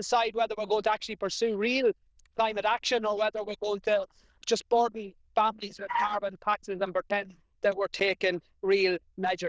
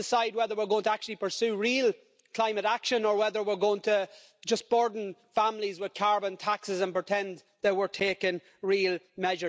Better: second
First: noise reduction (neural diffusion model UNIVERSE++)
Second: none

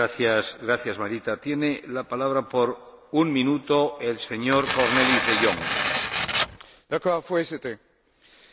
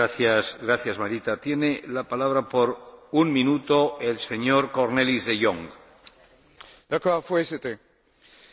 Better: second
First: background sound (Tearing); as loud as the speech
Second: none

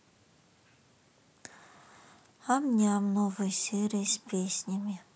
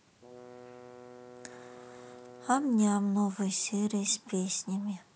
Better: first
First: none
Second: background sound (Bowed string instrument); 19 dB below the speech

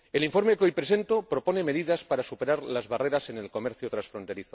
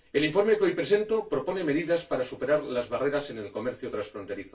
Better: first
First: none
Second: room echo; dies away in 0.2 s

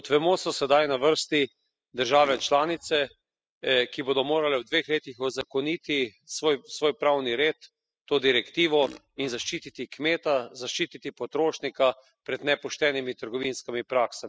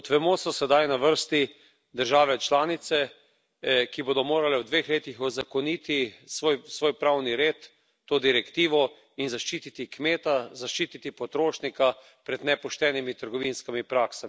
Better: second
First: noise reduction (classical method spectral subtraction)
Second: none

